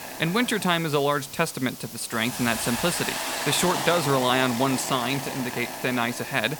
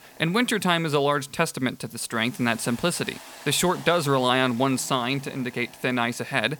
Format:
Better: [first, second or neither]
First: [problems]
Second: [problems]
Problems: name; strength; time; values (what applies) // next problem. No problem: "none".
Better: second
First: hiss; loud; throughout; 6 dB below the speech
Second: hiss; faint; throughout; 20 dB below the speech